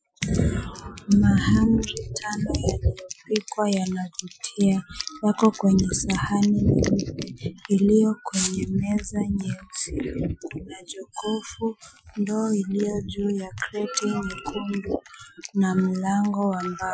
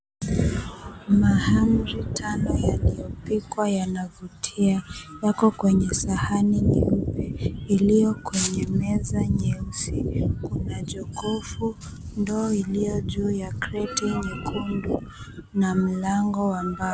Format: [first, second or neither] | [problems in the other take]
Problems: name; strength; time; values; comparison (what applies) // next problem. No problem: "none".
second | noise reduction (classical method Wiener filter)